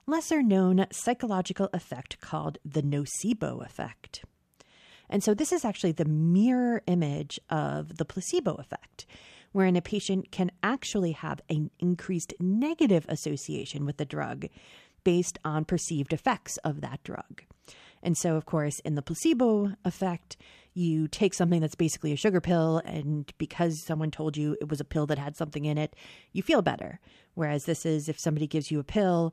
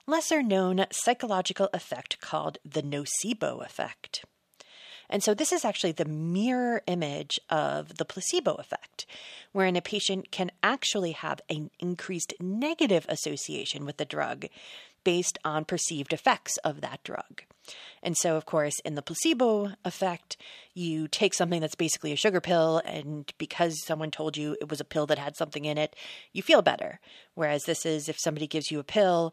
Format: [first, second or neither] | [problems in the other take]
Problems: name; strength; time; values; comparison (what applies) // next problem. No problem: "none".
first | thin; somewhat; fading below 550 Hz